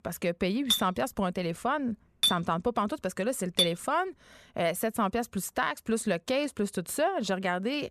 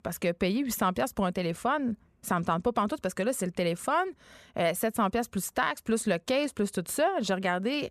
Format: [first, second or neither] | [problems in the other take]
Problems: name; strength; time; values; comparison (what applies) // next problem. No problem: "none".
second | clattering dishes; loud; from 0.5 to 3.5 s; peak 4 dB above the speech